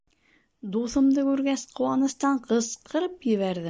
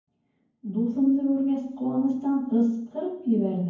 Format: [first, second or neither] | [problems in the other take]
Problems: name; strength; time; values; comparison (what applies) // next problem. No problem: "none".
first | room echo; dies away in 0.9 s